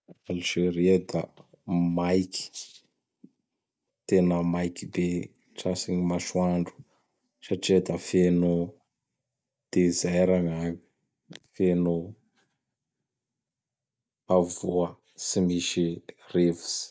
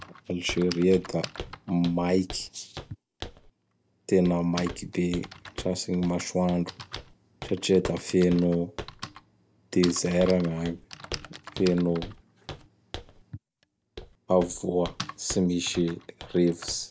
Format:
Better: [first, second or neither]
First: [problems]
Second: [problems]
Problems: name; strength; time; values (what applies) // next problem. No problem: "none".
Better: first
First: none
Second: background sound (Typing + Walk, footsteps); 14 dB below the speech